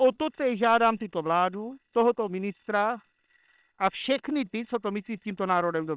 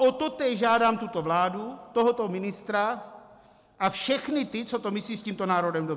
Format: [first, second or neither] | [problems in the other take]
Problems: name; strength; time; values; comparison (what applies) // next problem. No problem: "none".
second | noise reduction (neural separator model SepFormer WHAM!)